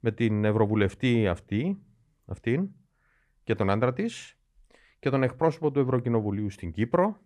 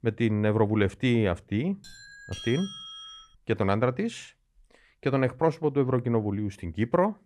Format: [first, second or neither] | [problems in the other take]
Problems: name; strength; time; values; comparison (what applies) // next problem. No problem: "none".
first | doorbell; faint; from 2 to 3.5 s; peak 10 dB below the speech